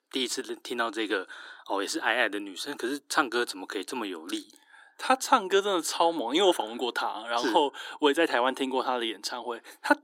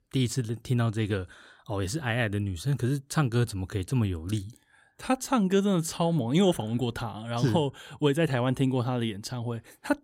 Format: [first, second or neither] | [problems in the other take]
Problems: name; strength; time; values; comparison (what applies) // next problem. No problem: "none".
second | thin; very; fading below 300 Hz